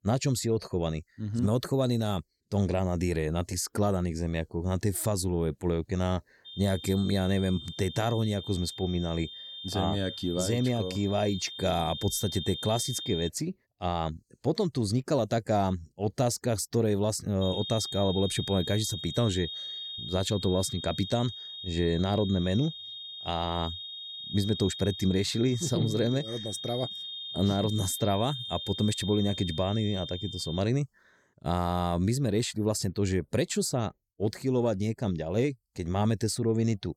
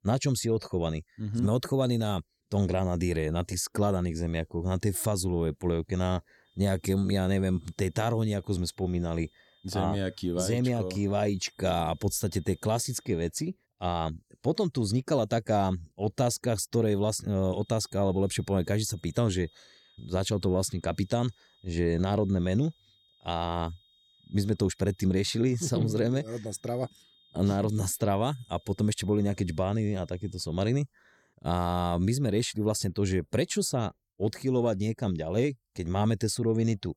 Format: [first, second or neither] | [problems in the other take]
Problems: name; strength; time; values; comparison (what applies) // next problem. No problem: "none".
second | high-pitched whine; loud; from 6.5 to 13 s and from 17 to 31 s; 3.5 kHz, 8 dB below the speech; faint in the second